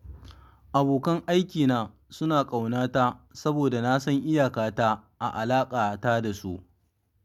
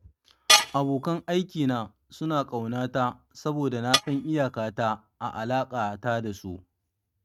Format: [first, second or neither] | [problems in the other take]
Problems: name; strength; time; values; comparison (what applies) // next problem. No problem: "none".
first | noise reduction (neural mask model RNNoise)